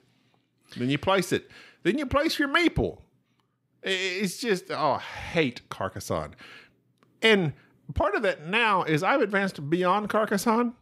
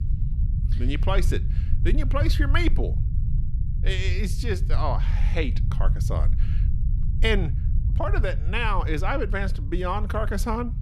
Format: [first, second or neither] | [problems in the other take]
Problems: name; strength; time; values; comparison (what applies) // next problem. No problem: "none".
first | low rumble; noticeable; throughout; 15 dB below the speech